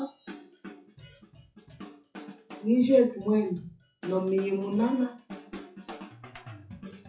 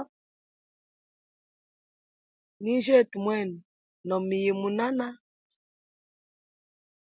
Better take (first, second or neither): second